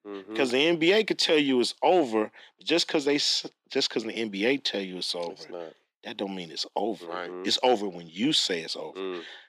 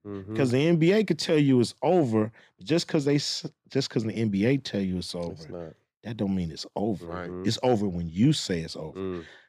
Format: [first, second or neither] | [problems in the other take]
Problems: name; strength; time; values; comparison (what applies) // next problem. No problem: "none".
second | thin; somewhat; fading below 300 Hz